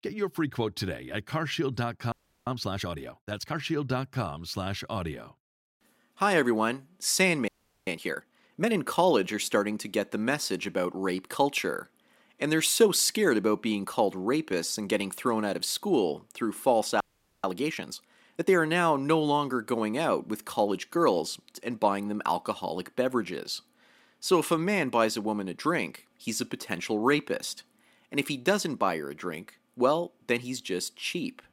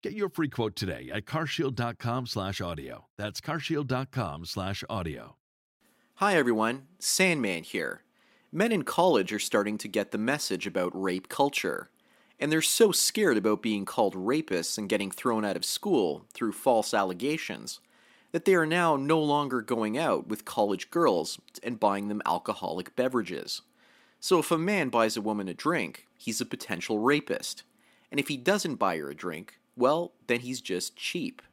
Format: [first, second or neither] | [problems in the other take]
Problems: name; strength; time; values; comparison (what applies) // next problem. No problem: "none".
second | audio freezing; at 2 s, at 7.5 s and at 17 s